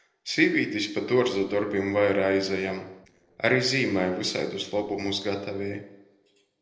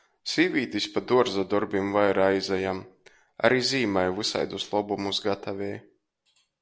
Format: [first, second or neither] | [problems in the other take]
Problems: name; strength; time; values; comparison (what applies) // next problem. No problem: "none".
second | noise reduction (neural separator model SepFormer DNS4)